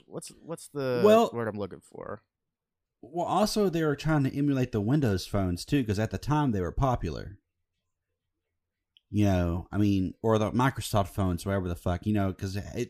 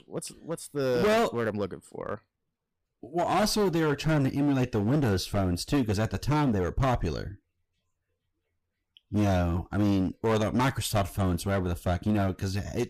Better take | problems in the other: first | distortion; heavy; 12% of the sound clipped

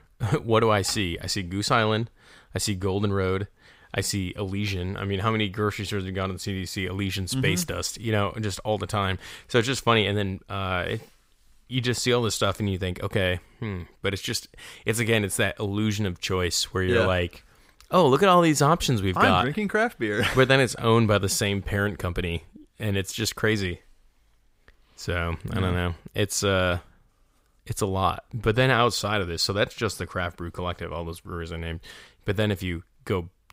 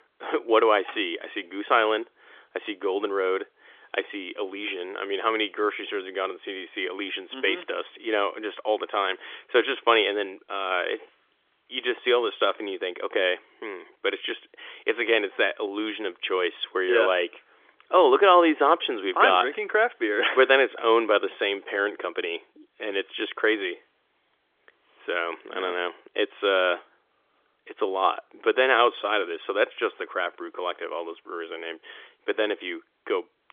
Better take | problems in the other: first | phone-call audio; nothing above 3.5 kHz

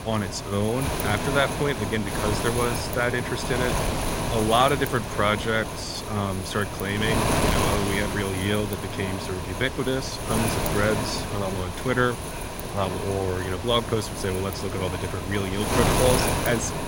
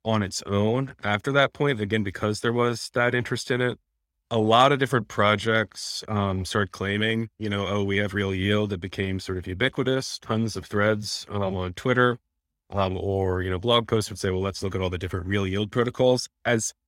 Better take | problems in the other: second | wind noise on the microphone; heavy; 2 dB below the speech

